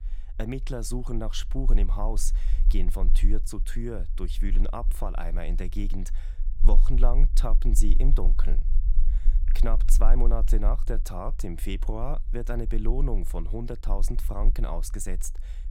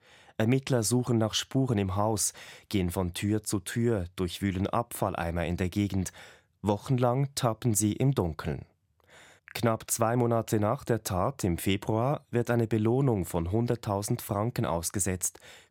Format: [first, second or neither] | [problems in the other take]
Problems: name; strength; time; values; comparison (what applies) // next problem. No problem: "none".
second | low rumble; noticeable; throughout; 15 dB below the speech